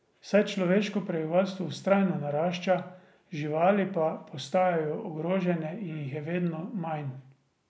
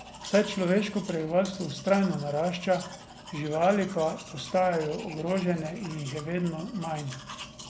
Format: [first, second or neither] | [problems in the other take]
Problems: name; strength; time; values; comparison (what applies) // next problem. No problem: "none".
first | background sound (Domestic sounds, home sounds); 15 dB below the speech